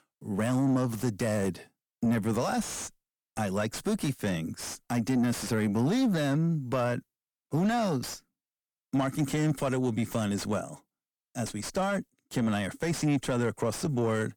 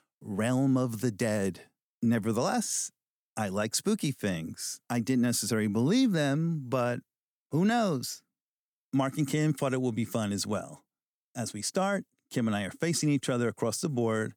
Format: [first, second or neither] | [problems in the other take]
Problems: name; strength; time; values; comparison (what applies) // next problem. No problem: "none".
second | distortion; slight; 9 dB below the speech